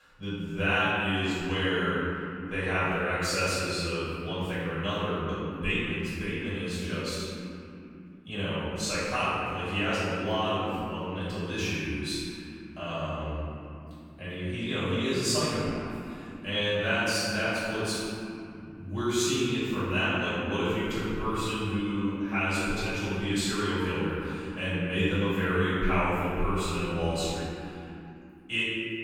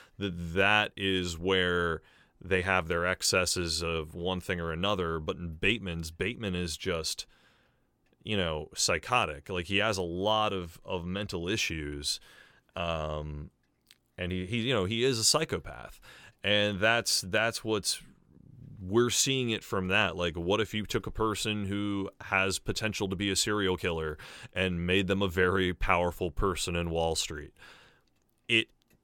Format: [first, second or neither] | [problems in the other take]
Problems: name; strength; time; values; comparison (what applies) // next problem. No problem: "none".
second | room echo; strong; dies away in 3 s // off-mic speech; far